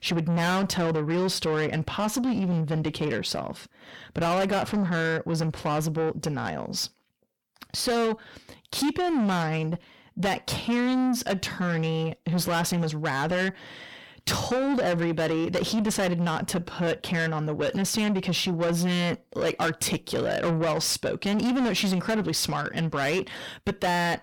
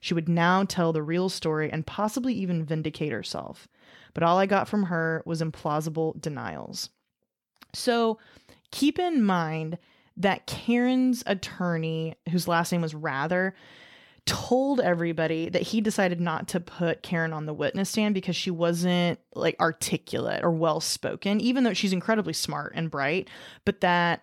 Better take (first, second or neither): second